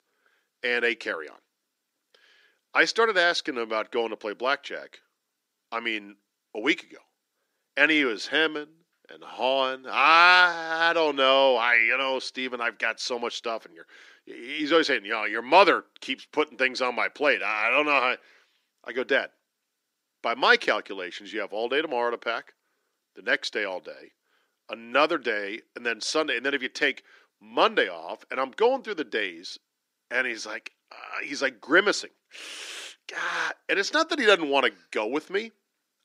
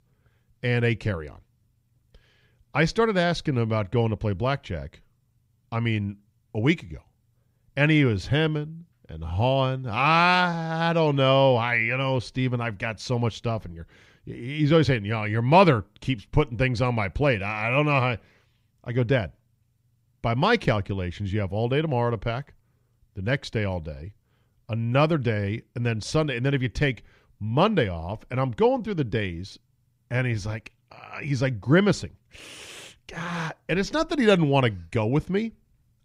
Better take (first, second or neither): second